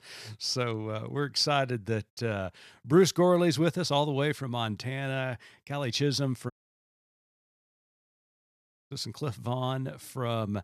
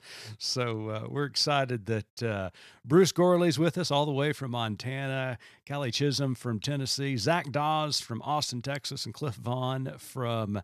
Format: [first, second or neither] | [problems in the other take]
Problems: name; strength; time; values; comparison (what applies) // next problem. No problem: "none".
second | audio cutting out; at 6.5 s for 2.5 s